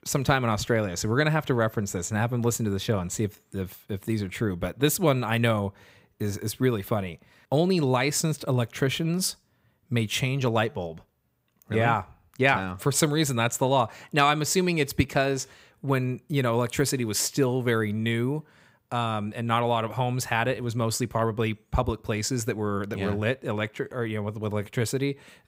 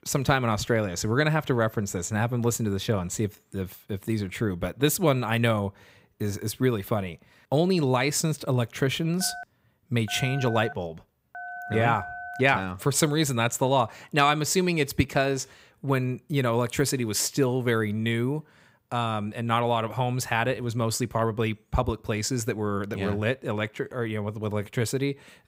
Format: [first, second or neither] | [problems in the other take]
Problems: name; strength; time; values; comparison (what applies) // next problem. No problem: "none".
first | phone ringing; faint; from 9 to 12 s; peak 10 dB below the speech